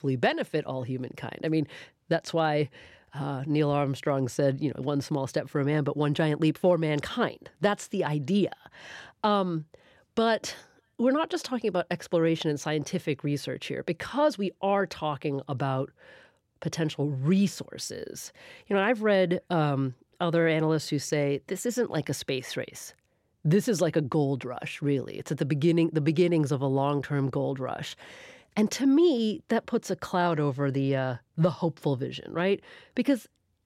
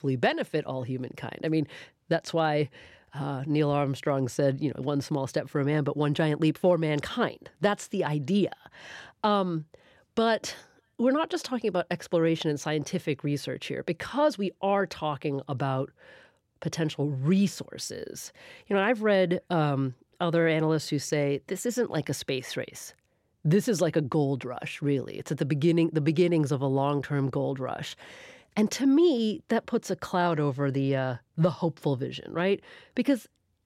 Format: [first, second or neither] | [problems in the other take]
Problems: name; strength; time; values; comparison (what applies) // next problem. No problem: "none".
neither | none